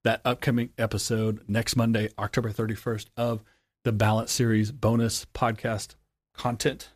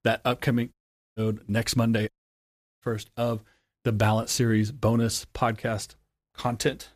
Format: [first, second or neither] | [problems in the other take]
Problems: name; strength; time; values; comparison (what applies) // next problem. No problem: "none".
first | audio cutting out; at 0.5 s and at 2 s for 0.5 s